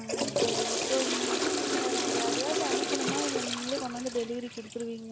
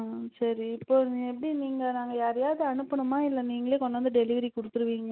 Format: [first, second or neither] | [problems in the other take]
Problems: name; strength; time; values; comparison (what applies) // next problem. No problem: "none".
second | background sound (Toilet flush / Water); 4 dB above the speech